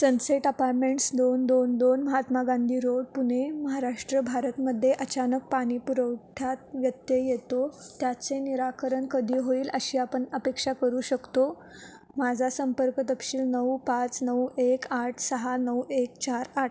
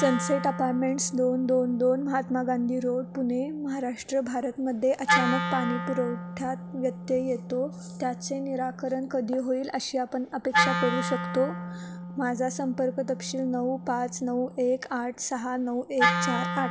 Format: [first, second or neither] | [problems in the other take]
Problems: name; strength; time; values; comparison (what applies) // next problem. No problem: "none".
first | background sound (Wind instrument, woodwind instrument); 5 dB below the speech